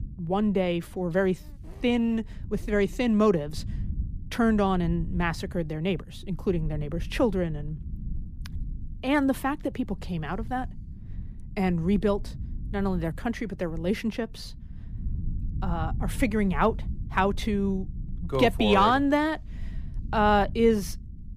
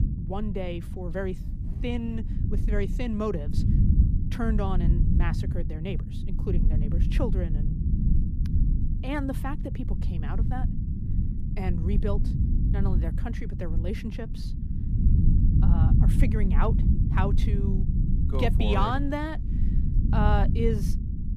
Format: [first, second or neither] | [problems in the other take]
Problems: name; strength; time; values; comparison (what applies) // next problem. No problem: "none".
first | low rumble; loud; throughout; 6 dB below the speech; faint in the first